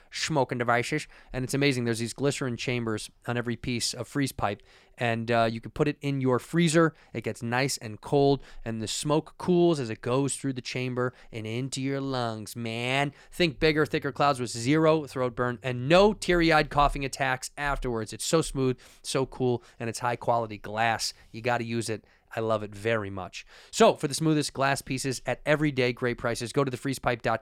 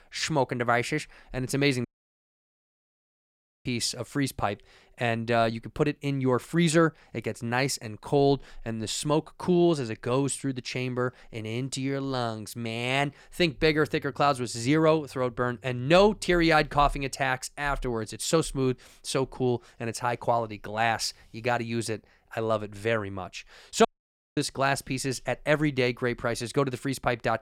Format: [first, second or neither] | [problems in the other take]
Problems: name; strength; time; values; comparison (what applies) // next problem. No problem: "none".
first | audio cutting out; at 2 s for 2 s and at 24 s for 0.5 s